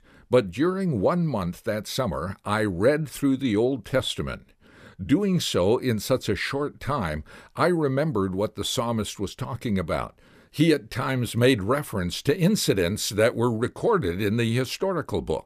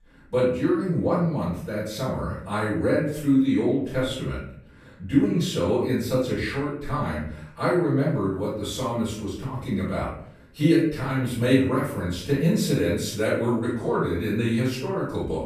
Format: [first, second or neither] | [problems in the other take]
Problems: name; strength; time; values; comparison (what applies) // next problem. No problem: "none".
first | off-mic speech; far // room echo; noticeable; dies away in 0.6 s